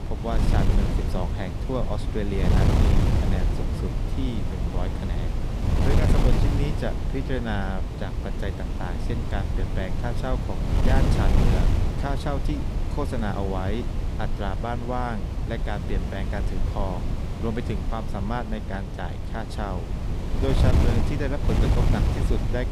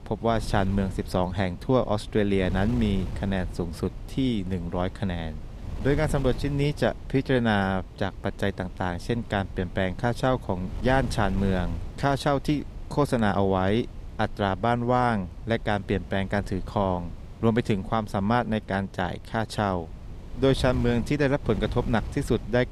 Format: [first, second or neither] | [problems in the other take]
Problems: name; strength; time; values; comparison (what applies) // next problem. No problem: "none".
second | wind noise on the microphone; heavy; 2 dB below the speech; occasional gusts in the second